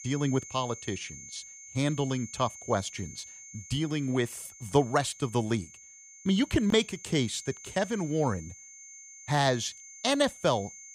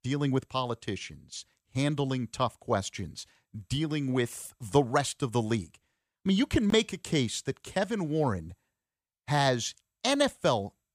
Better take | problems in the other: second | high-pitched whine; noticeable; throughout; 6.5 kHz, 15 dB below the speech

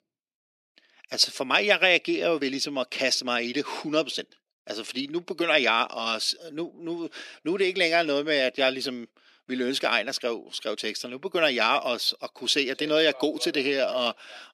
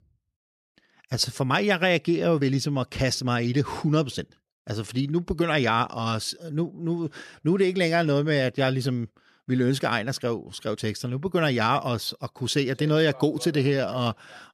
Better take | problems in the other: second | thin; somewhat; fading below 250 Hz

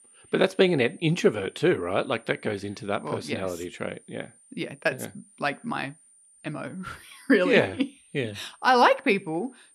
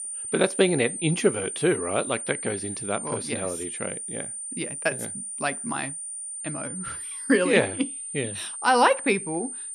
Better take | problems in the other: first | high-pitched whine; loud; throughout; 9 kHz, 6 dB below the speech; faint in the first

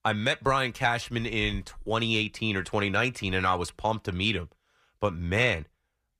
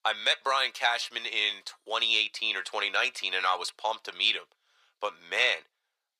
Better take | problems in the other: first | thin; very; fading below 600 Hz

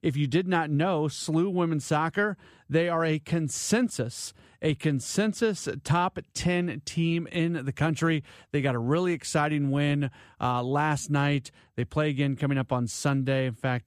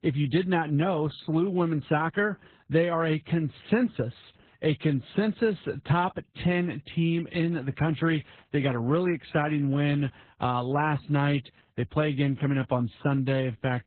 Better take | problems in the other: first | garbled, watery; badly; nothing above 4 kHz

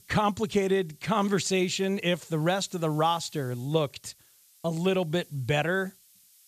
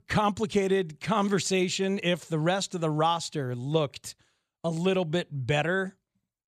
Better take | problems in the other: second | hiss; faint; throughout; 25 dB below the speech

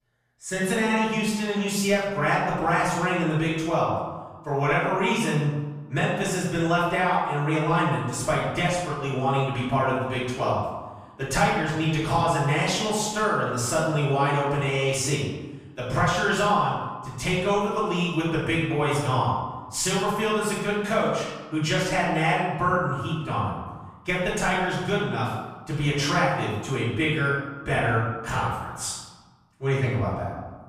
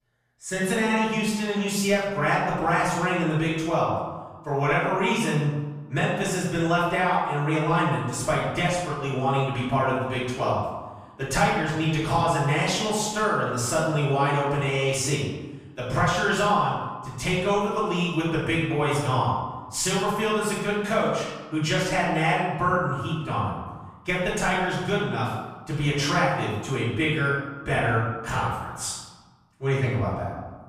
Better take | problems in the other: neither | off-mic speech; far; the same in both // room echo; noticeable; dies away in 1.1 s; the same in both

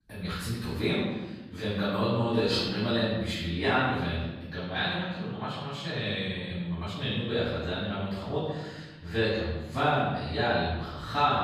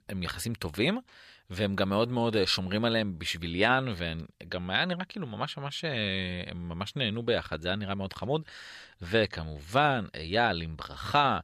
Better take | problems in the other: second | off-mic speech; far // room echo; strong; dies away in 1.2 s

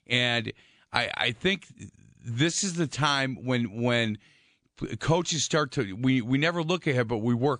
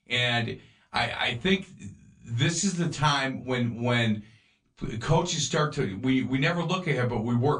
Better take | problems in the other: first | off-mic speech; far // room echo; very slight; dies away in 0.2 s

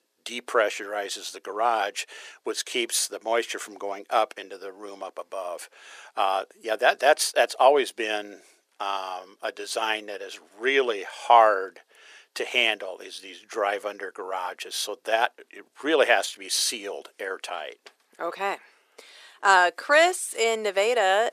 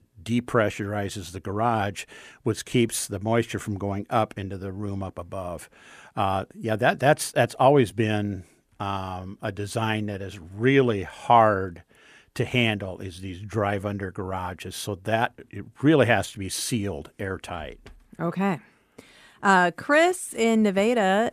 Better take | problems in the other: second | thin; very; fading below 400 Hz

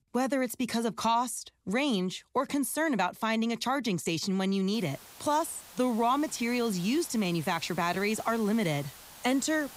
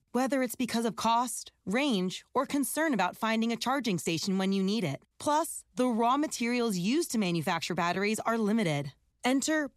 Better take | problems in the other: second | hiss; noticeable; from 4.5 s on; 20 dB below the speech

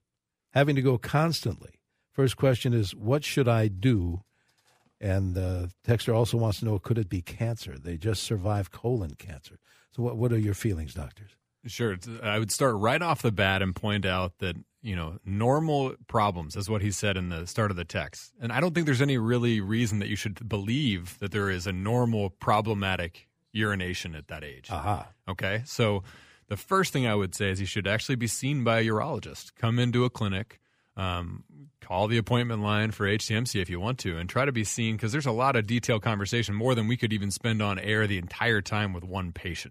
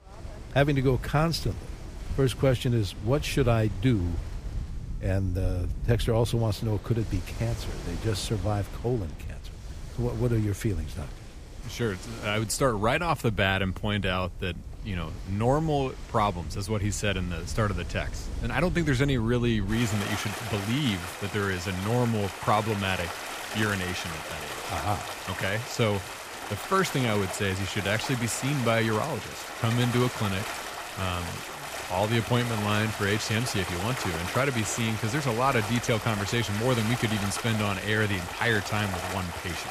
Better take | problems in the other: first | rain or running water; loud; throughout; 8 dB below the speech

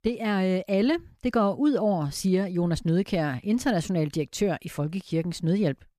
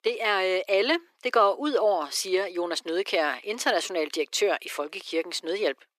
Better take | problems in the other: first | thin; very; fading below 350 Hz

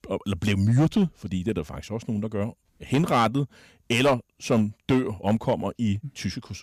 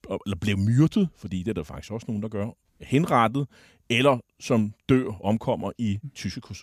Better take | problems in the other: second | distortion; slight; 4% of the sound clipped

